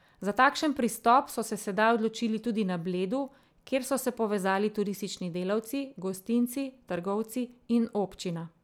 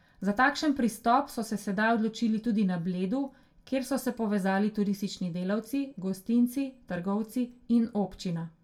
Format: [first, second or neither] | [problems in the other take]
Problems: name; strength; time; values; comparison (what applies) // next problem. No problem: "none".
first | room echo; dies away in 0.1 s